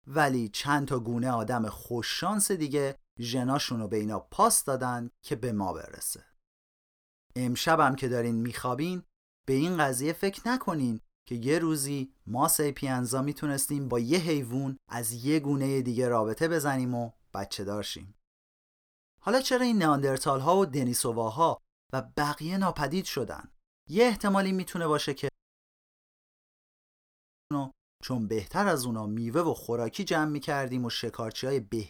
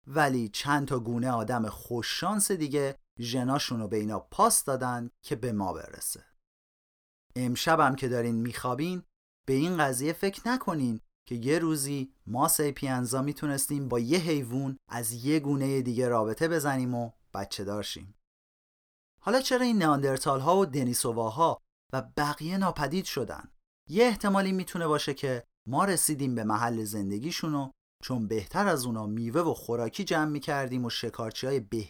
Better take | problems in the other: second | audio cutting out; at 25 s for 2 s

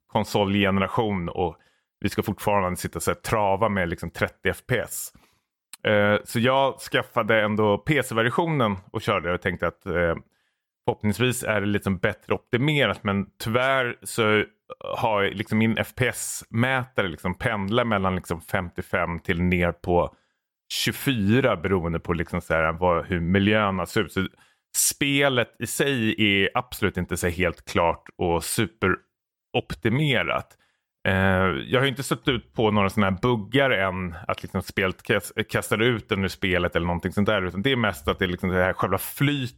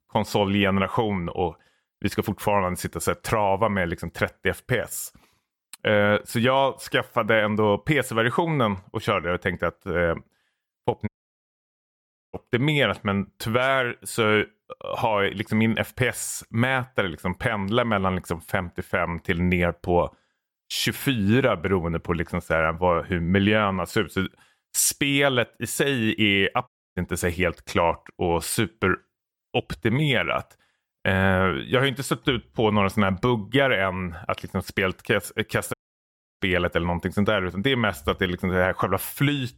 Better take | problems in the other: first | audio cutting out; at 11 s for 1.5 s, at 27 s and at 36 s for 0.5 s

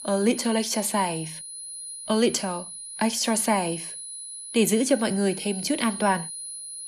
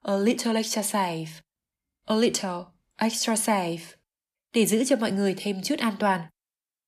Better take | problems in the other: second | high-pitched whine; loud; throughout; 10.5 kHz, 10 dB below the speech

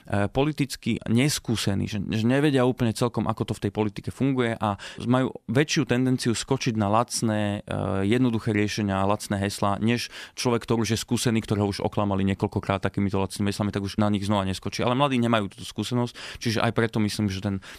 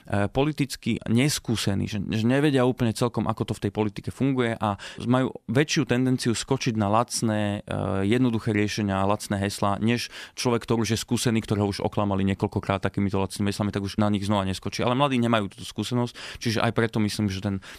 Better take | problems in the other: neither | none

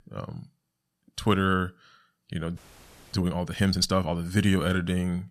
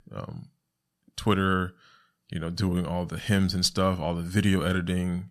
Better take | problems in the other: second | audio freezing; at 2.5 s for 0.5 s

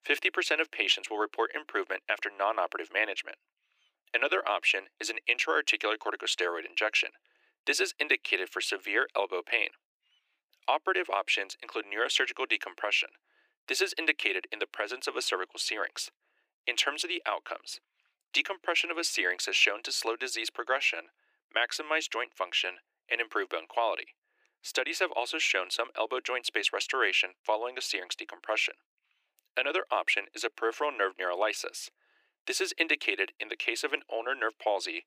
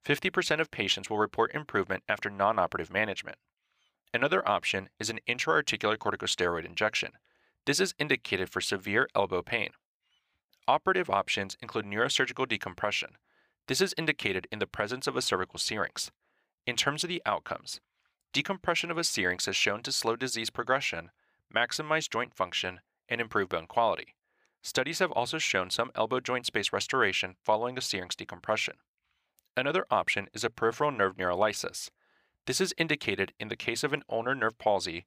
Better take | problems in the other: second | thin; somewhat; fading below 300 Hz

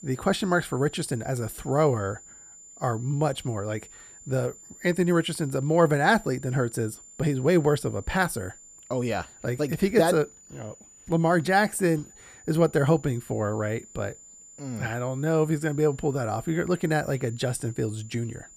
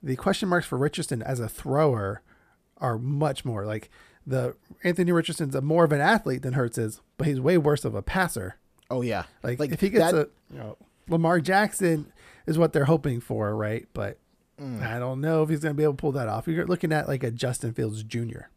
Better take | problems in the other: second | high-pitched whine; faint; throughout; 7 kHz, 20 dB below the speech

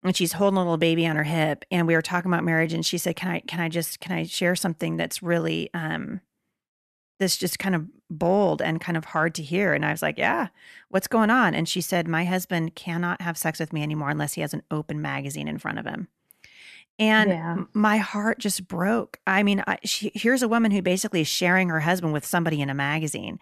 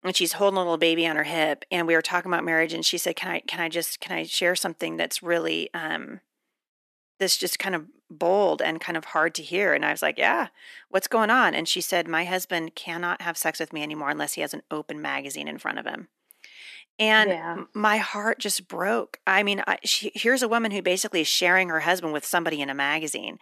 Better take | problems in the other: first | thin; somewhat; fading below 300 Hz

